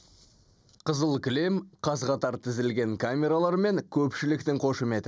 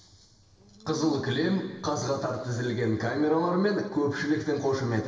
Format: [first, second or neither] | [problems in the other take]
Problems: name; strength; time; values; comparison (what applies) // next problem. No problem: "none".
first | background sound (Insect); 20 dB below the speech // room echo; dies away in 1.4 s